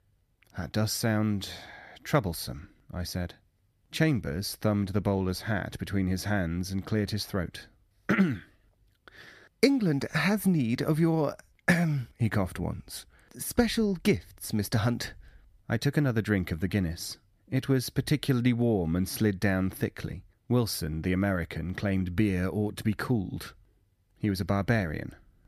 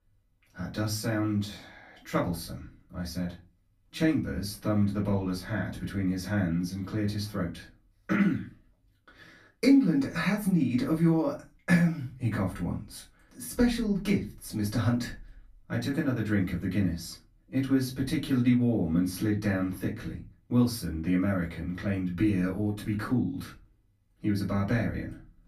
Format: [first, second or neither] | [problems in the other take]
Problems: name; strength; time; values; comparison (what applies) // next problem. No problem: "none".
first | off-mic speech; far // room echo; very slight; dies away in 0.2 s